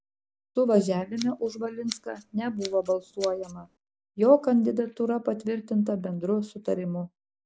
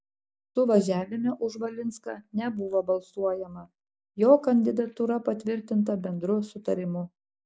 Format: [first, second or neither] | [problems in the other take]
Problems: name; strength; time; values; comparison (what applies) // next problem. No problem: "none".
second | background sound (Scissors); 18 dB below the speech